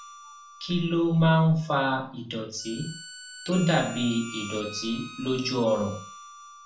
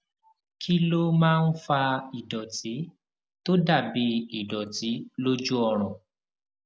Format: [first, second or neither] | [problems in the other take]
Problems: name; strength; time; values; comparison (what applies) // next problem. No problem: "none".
second | background sound (Harmonica); 17 dB below the speech // room echo; dies away in 0.3 s